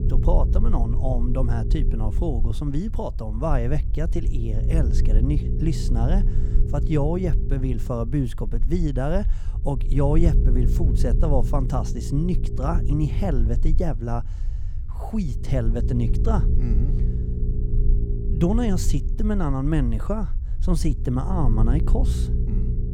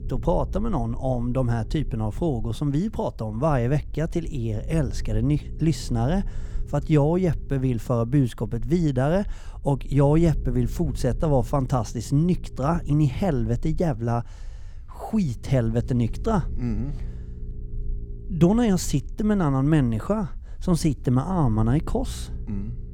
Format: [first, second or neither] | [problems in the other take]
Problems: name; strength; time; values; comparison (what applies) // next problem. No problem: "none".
second | low rumble; loud; throughout; 9 dB below the speech; faint in the second